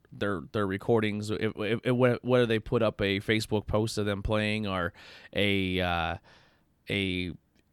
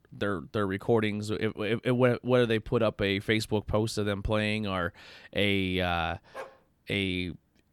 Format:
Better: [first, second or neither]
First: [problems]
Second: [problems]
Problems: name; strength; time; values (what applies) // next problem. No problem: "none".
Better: first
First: none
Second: dog barking; faint; at 6.5 s; peak 15 dB below the speech